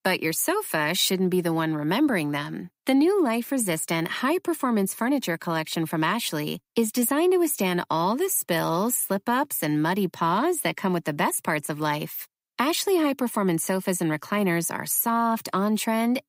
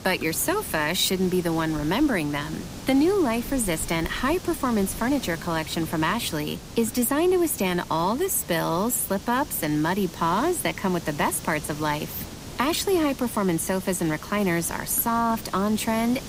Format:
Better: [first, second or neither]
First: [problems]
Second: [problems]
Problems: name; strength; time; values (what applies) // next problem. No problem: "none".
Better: first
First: none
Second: hiss; noticeable; throughout; 15 dB below the speech